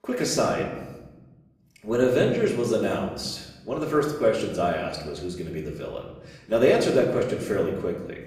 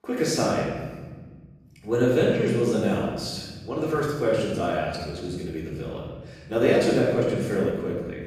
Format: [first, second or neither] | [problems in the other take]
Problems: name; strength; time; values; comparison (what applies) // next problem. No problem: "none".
first | room echo; strong; dies away in 1.6 s; slight in the first // off-mic speech; far; far in the first